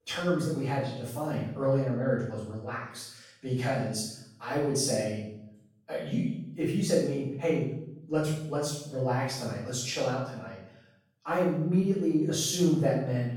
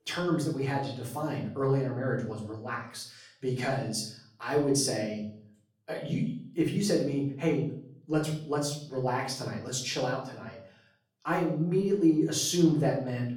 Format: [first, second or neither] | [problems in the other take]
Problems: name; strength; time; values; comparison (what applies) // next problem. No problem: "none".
second | room echo; strong; dies away in 0.7 s; slight in the second // off-mic speech; far; far in the second